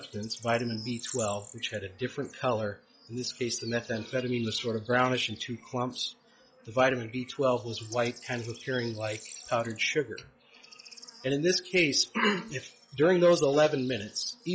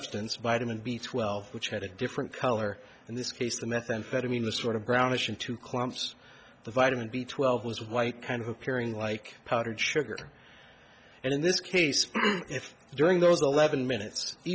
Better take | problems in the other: second | noise reduction (classical method log-MMSE)

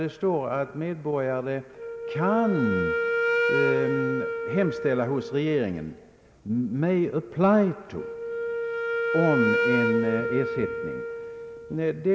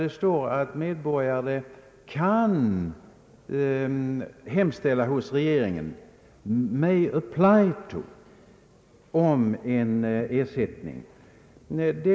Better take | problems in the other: second | background sound (Wind instrument, woodwind instrument); 3 dB below the speech

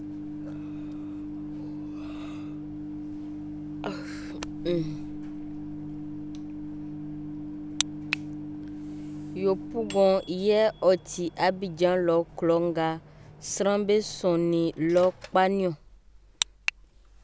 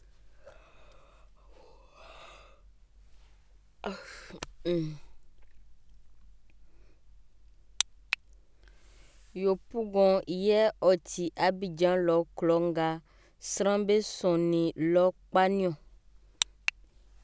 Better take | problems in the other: second | background sound (Microwave oven); 10 dB below the speech

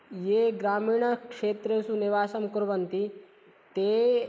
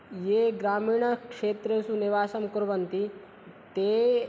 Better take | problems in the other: second | noise reduction (neural mask model Resemble Enhance denoiser)

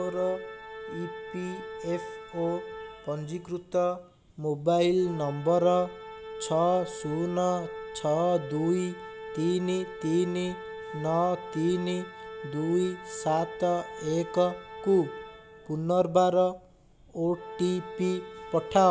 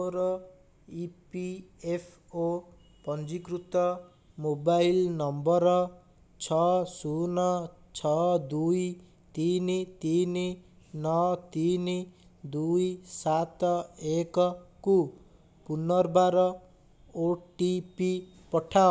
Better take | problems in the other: second | background sound (Organ); 13 dB below the speech

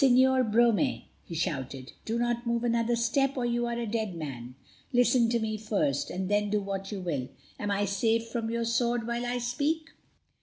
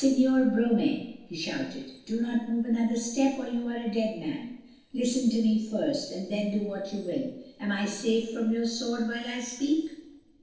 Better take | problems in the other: first | noise reduction (neural separator model SepFormer DNS4)

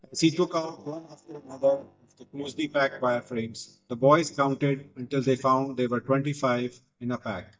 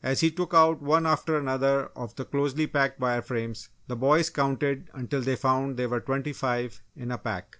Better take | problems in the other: second | noise reduction (neural mask model DeepFilterNet 3)

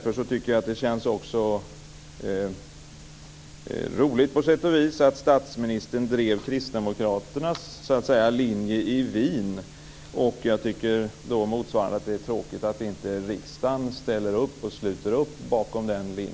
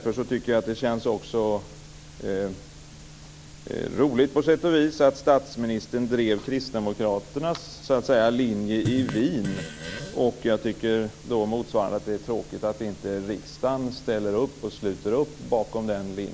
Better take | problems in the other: first | background sound (Fart); 9 dB below the speech

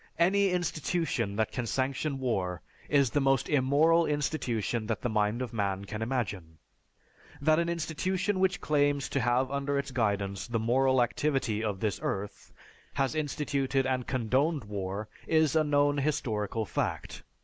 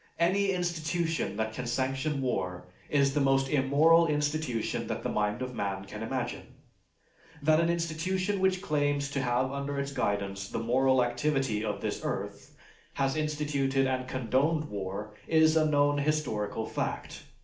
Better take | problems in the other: first | room echo; dies away in 0.4 s

